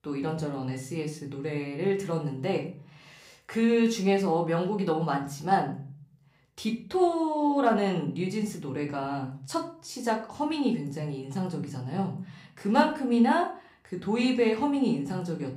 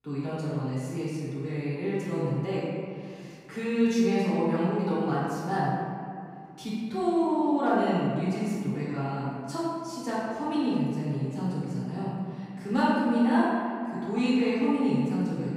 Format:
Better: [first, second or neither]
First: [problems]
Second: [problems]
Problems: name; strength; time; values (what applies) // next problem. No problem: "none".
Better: first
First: room echo; slight; dies away in 0.4 s // off-mic speech; somewhat distant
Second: room echo; strong; dies away in 2.1 s // off-mic speech; far